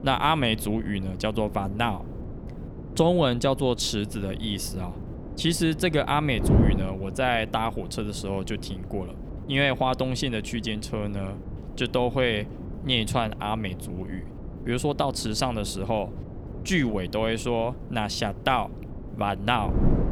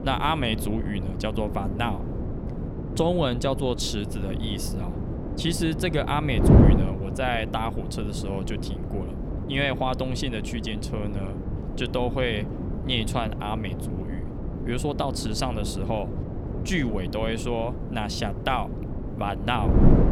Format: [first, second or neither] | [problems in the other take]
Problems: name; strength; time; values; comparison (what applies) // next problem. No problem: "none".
first | wind noise on the microphone; heavy; 7 dB below the speech; occasional gusts in the first